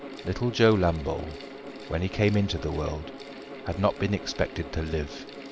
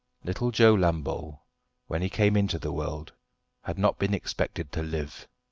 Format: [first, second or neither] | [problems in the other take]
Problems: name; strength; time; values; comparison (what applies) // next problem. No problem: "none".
second | background sound (Mechanical fan); 13 dB below the speech